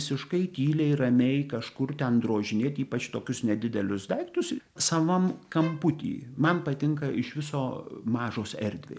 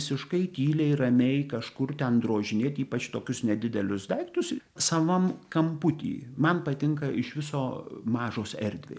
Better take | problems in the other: second | background sound (Bowed string instrument); 19 dB below the speech

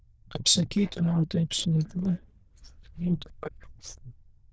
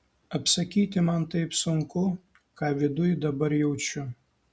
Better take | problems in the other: second | noise reduction (neural diffusion model UNIVERSE++)

